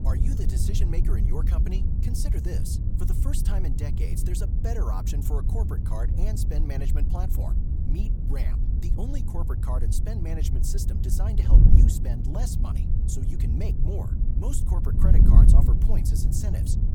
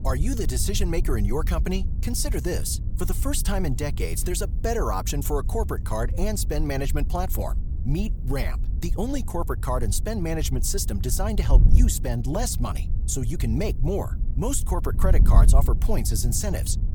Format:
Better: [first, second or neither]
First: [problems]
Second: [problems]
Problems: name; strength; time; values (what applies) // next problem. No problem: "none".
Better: second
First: wind noise on the microphone; heavy; as loud as the speech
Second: wind noise on the microphone; occasional gusts; 15 dB below the speech